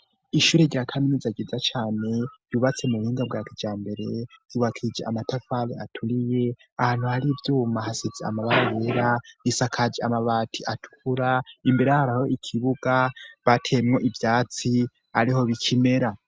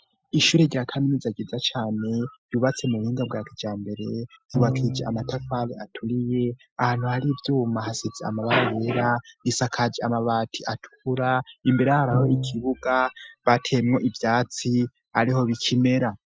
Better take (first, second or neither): first